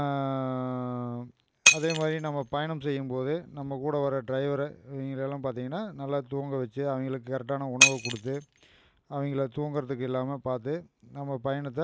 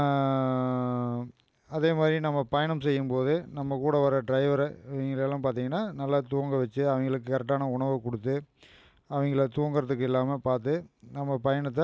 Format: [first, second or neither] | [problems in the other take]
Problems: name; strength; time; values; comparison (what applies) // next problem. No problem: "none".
second | background sound (Shatter); 1 dB above the speech